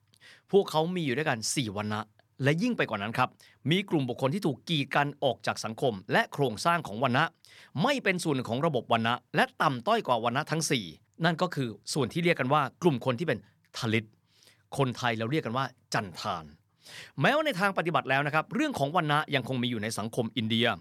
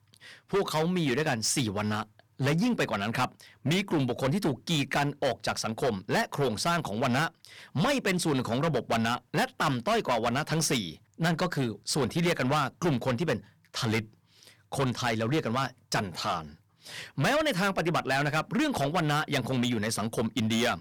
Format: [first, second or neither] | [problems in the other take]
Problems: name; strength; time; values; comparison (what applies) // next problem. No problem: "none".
first | distortion; heavy; 13% of the sound clipped